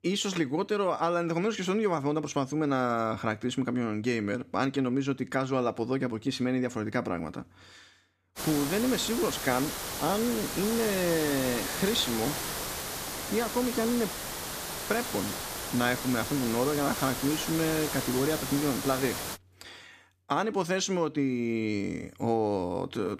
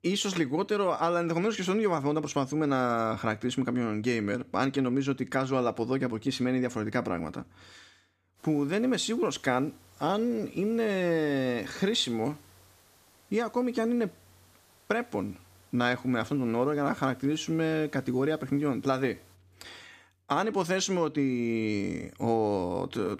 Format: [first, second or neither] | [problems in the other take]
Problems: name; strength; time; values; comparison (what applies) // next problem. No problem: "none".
second | hiss; loud; from 8.5 to 19 s; 4 dB below the speech; faint in the second